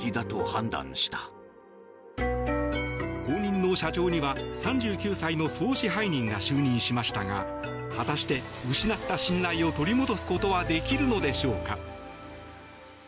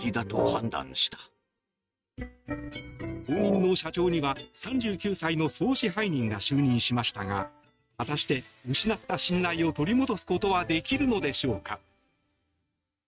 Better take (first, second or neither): first